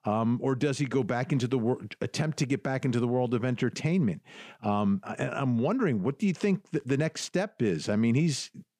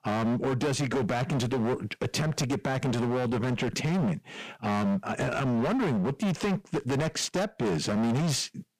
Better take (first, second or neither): first